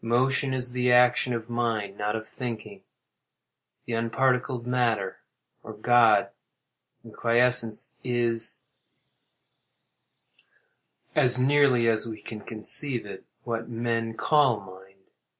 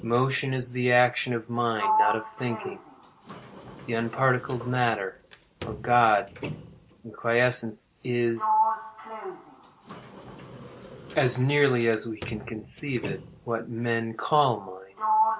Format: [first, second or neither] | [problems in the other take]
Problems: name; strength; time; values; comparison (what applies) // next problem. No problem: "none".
first | background sound (Sliding door); 5 dB below the speech